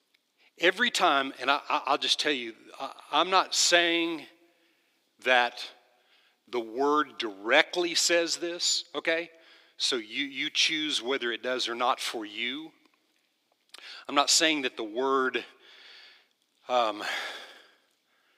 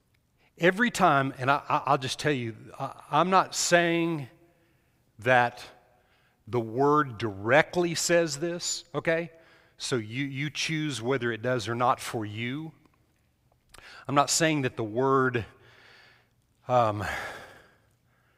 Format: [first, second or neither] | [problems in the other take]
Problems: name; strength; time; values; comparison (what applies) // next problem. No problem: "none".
second | thin; very slightly; fading below 300 Hz